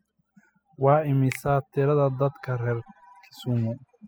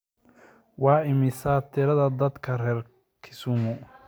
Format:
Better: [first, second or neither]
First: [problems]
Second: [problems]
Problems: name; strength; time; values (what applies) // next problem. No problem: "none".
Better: second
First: noise reduction (classical method spectral subtraction)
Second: none